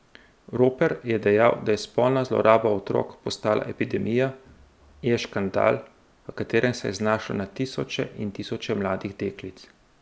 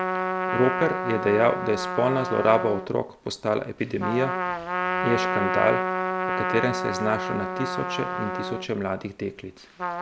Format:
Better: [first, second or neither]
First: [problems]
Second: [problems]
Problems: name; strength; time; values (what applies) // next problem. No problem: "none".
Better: first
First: none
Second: background sound (Trumpet); 2 dB below the speech